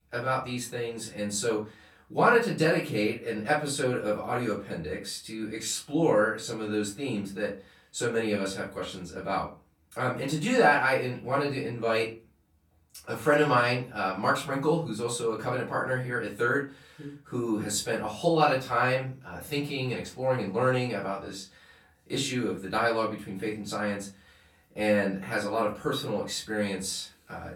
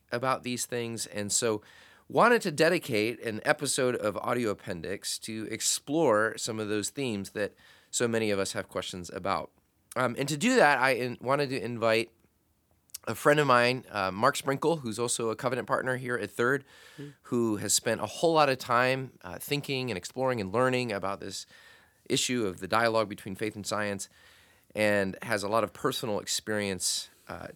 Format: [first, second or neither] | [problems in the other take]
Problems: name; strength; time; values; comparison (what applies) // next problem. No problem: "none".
second | room echo; slight; dies away in 0.3 s // off-mic speech; far